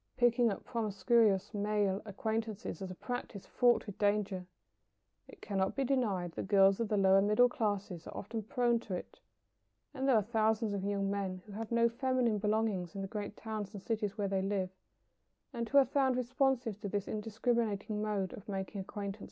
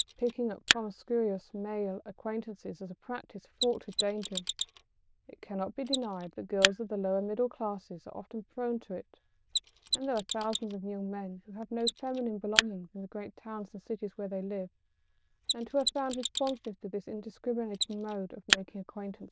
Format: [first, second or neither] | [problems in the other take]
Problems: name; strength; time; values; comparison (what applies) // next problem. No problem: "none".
first | noise reduction (neural diffusion model UNIVERSE++)